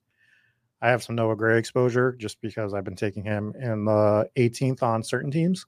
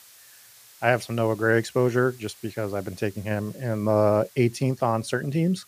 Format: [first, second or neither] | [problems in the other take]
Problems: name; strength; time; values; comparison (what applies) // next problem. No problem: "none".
first | hiss; faint; throughout; 25 dB below the speech